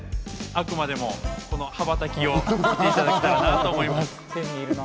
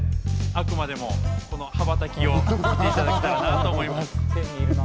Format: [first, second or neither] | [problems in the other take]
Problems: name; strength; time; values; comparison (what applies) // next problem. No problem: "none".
first | background sound (Bass guitar); 2 dB above the speech